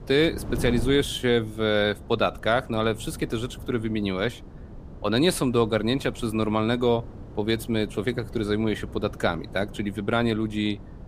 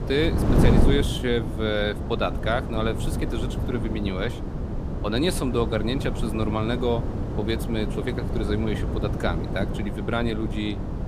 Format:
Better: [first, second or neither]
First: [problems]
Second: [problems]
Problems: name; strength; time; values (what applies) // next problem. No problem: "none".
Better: first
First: wind noise on the microphone; occasional gusts; 20 dB below the speech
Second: wind noise on the microphone; heavy; 6 dB below the speech